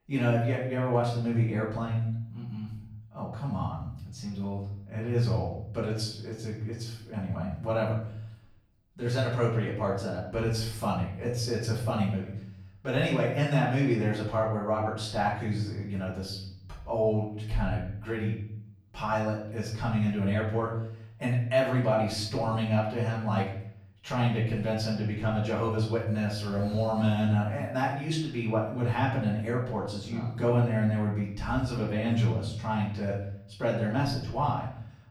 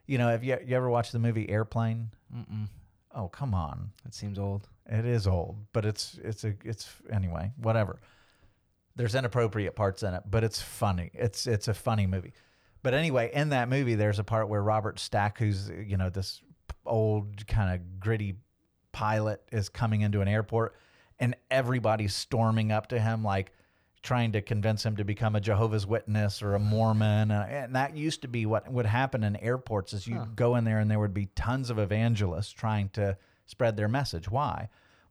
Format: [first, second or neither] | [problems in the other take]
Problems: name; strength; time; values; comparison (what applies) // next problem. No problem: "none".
second | off-mic speech; far // room echo; noticeable; dies away in 0.6 s